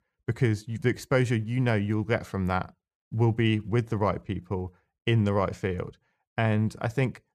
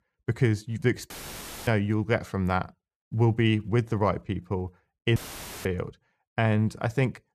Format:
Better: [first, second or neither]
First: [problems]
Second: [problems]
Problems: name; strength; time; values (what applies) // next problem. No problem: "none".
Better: first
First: none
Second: audio cutting out; filled with static; at 1 s for 0.5 s and at 5 s